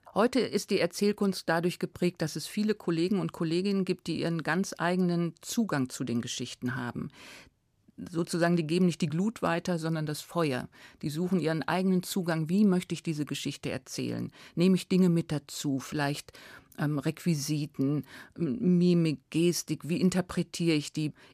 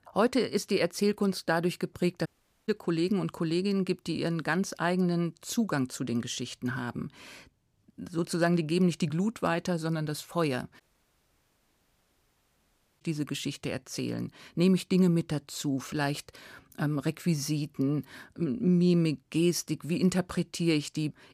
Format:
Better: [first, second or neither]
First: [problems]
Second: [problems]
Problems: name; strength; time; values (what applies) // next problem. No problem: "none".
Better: first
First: none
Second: audio cutting out; at 2.5 s and at 11 s for 2 s